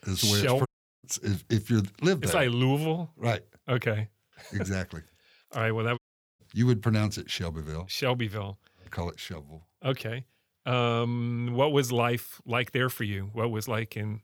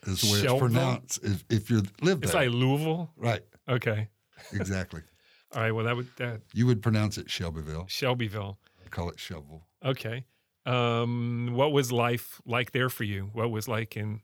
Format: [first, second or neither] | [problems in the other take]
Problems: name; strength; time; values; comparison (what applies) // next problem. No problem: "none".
second | audio cutting out; at 0.5 s and at 6 s